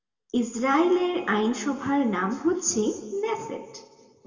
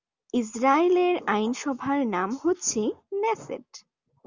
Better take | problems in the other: second | room echo; dies away in 1.6 s

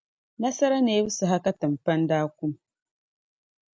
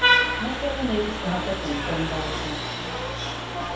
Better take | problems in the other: first | background sound (Vehicle horn, car horn, honking); 5 dB above the speech // room echo; dies away in 0.7 s

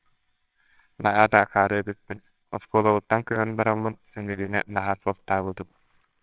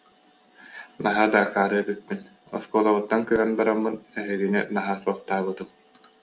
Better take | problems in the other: second | noise reduction (neural separator model SepFormer WHAMR!)

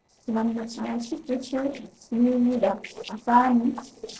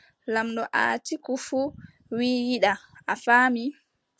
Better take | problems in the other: second | noise reduction (neural separator model SepFormer DNS4)

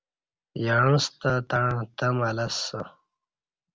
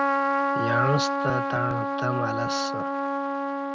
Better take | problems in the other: first | background sound (Trumpet); 3 dB above the speech

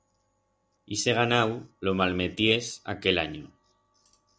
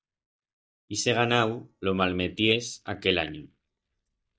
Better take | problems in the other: first | noise reduction (neural mask model DeepFilterNet 3)

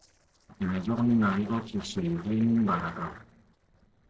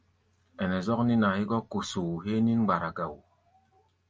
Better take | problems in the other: second | noise reduction (neural separator model SepFormer DNS4)

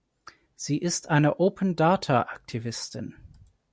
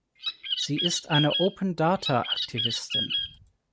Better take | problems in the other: first | background sound (Bird); 2 dB below the speech

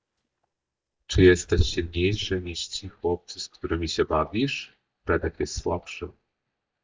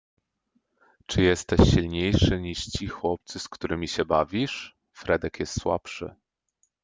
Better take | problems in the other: second | noise reduction (neural mask model DeepFilterNet 3)

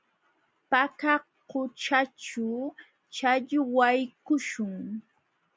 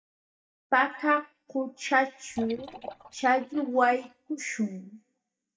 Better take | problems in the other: first | noise reduction (neural mask model DeepFilterNet 3)

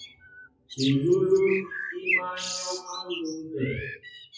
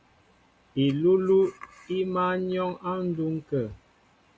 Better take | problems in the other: second | noise reduction (classical method WPE with log-MMSE)

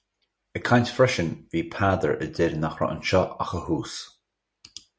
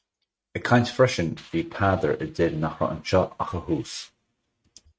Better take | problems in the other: first | noise reduction (neural mask model RNNoise)

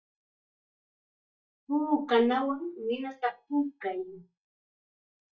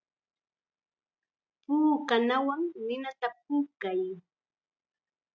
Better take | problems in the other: second | noise reduction (neural mask model DeepFilterNet 3)

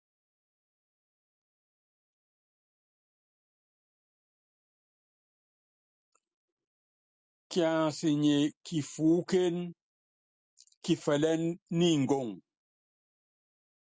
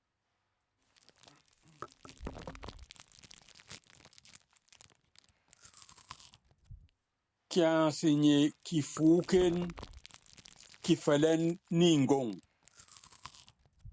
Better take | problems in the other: first | background sound (Chewing, mastication); 20 dB below the speech

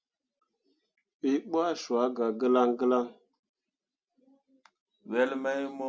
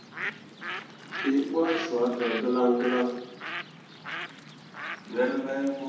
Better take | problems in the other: first | background sound (Bird); 9 dB below the speech // room echo; dies away in 0.8 s

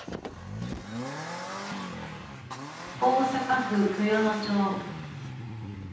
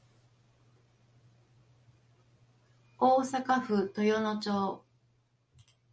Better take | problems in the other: second | background sound (Accelerating, revving, vroom); 7 dB below the speech // room echo; dies away in 0.8 s

